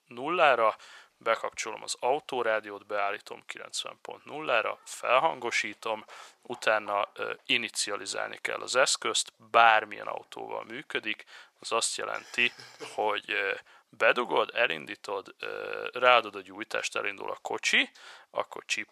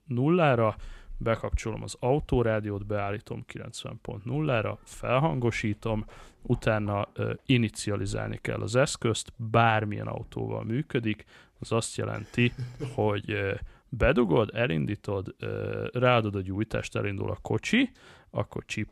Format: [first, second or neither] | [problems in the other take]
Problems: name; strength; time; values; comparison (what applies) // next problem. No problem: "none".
second | thin; very; fading below 800 Hz